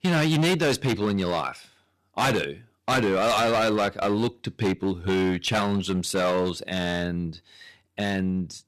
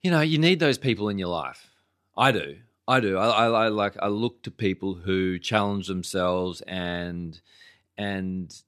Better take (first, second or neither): second